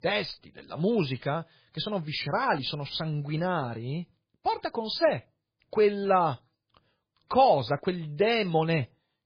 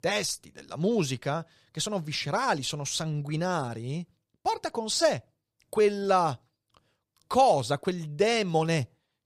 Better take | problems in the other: second | garbled, watery; badly; nothing above 5 kHz

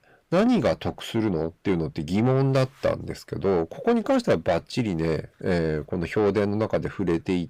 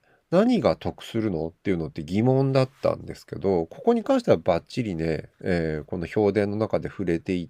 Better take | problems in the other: second | distortion; slight; 10 dB below the speech

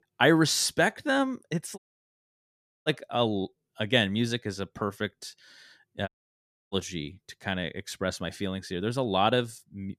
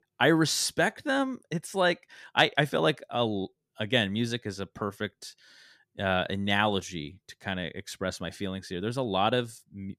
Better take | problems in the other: second | audio cutting out; at 2 s for 1 s and at 6 s for 0.5 s

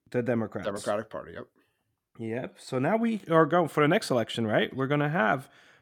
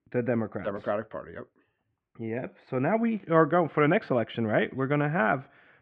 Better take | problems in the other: first | muffled; very; fading above 2.5 kHz

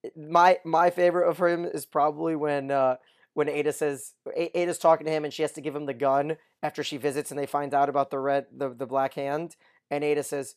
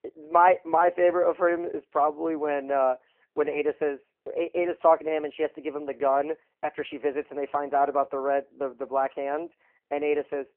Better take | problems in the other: first | phone-call audio; poor line

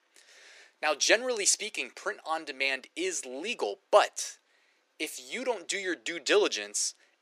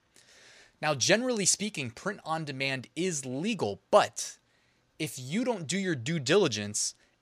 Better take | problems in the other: second | thin; very; fading below 300 Hz

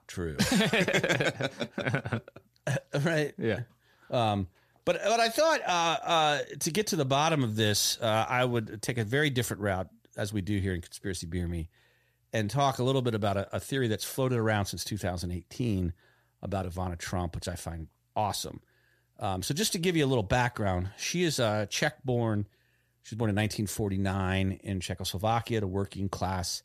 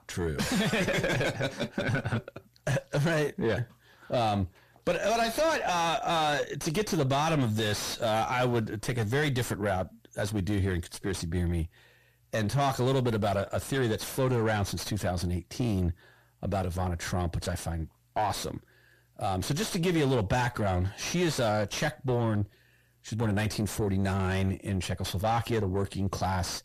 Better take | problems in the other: first | distortion; heavy; 5 dB below the speech

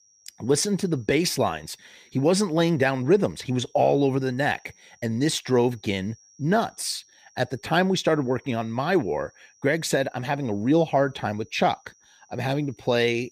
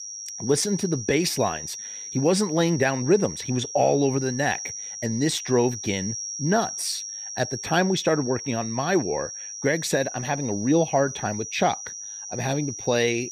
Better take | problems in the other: first | high-pitched whine; loud; throughout; 5.5 kHz, 8 dB below the speech; faint in the first

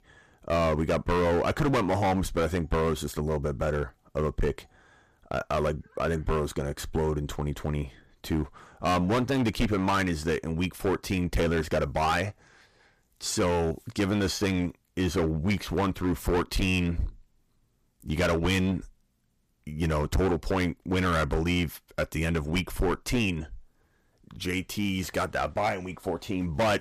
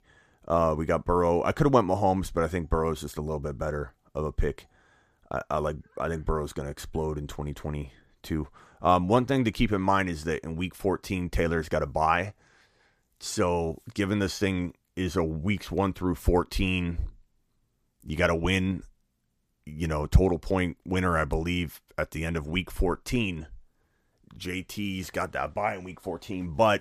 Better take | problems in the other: second | distortion; heavy; 11% of the sound clipped

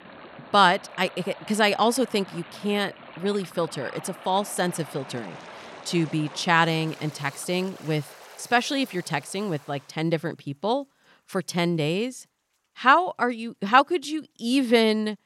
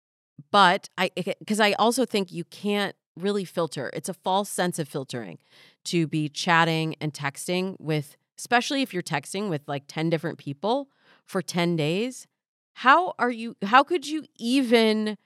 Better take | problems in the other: second | rain or running water; noticeable; throughout; 20 dB below the speech

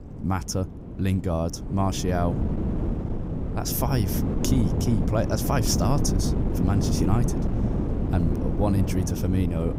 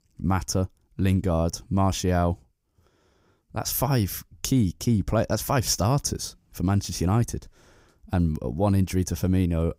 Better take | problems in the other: second | wind noise on the microphone; heavy; 4 dB below the speech

